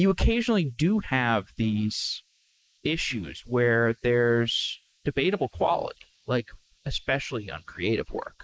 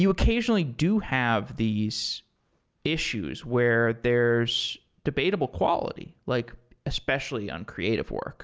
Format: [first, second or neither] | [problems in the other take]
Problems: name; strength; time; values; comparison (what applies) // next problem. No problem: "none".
second | noise reduction (neural mask model Resemble Enhance denoiser)